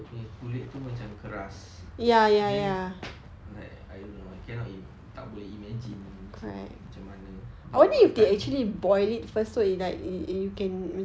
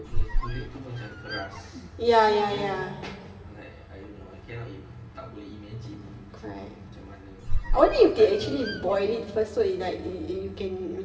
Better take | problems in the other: first | background sound (Squeak); 1 dB below the speech // room echo; dies away in 2.9 s

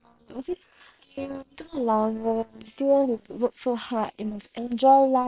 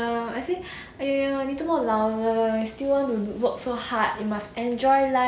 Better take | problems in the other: second | noise reduction (neural separator model SepFormer WHAM!)

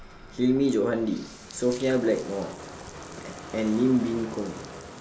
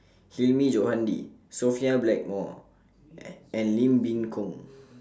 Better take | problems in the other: second | background sound (Bathtub (filling or washing)); 15 dB below the speech

